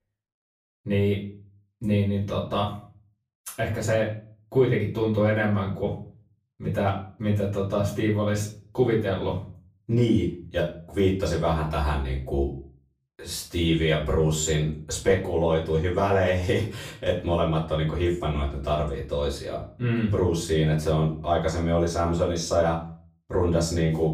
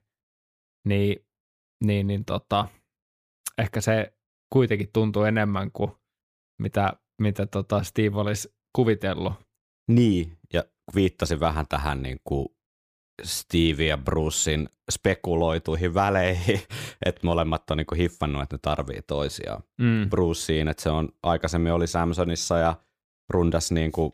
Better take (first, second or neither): second